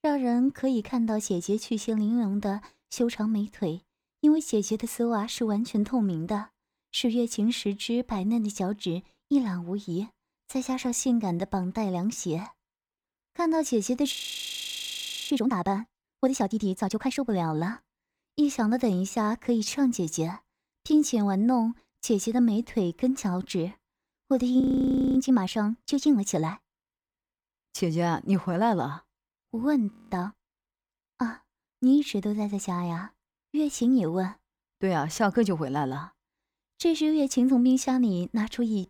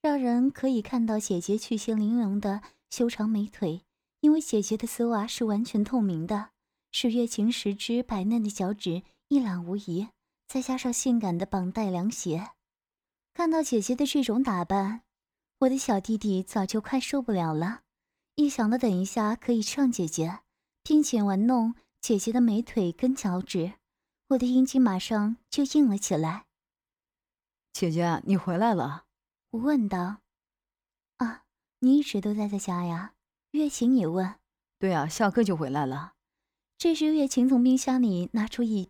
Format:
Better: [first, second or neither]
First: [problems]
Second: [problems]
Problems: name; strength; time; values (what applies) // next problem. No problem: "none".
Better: second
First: audio freezing; at 14 s for 1 s, at 25 s for 0.5 s and at 30 s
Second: none